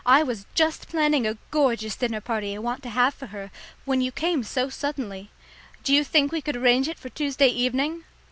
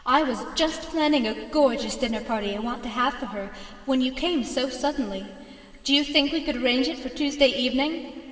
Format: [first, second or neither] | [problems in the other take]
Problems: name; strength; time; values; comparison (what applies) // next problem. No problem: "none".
first | room echo; dies away in 2.8 s